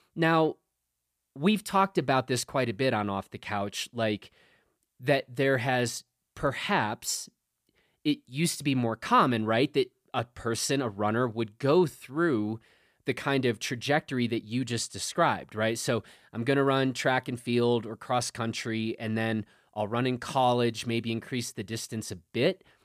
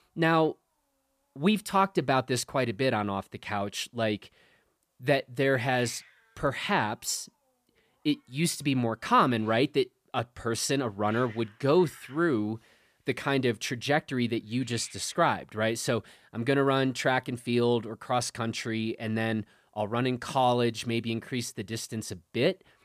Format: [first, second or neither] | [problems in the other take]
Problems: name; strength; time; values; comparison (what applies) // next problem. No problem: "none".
first | hiss; faint; throughout; 25 dB below the speech